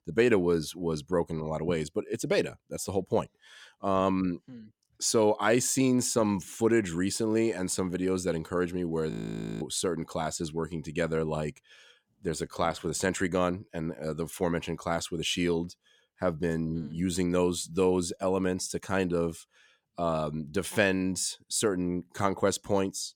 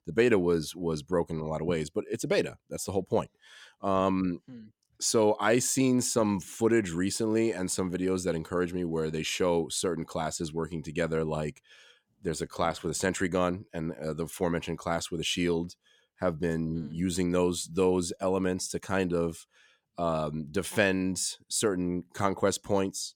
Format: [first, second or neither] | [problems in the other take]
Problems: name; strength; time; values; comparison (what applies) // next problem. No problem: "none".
second | audio freezing; at 9 s for 0.5 s